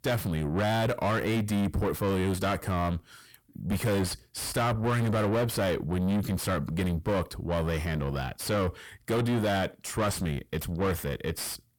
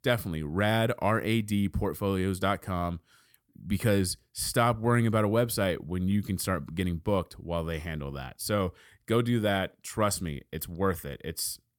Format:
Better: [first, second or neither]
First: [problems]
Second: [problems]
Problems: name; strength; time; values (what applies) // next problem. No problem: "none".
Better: second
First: distortion; heavy; 6 dB below the speech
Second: none